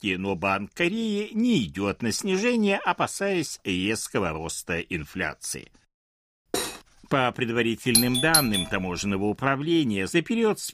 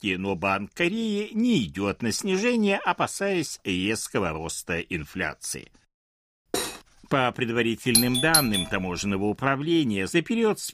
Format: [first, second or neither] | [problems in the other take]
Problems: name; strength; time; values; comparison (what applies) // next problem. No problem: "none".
neither | clattering dishes; noticeable; at 6.5 s; peak 4 dB below the speech; the same in both // doorbell; loud; at 8 s; peak 4 dB above the speech; the same in both